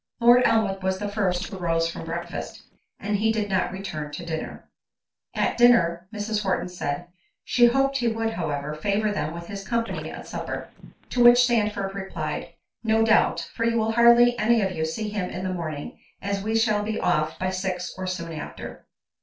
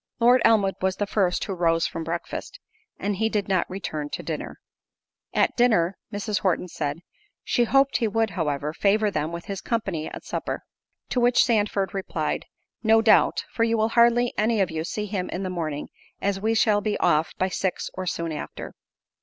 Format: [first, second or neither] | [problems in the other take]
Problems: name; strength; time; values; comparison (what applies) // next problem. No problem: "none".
second | noise reduction (neural separator model SepFormer DNS4)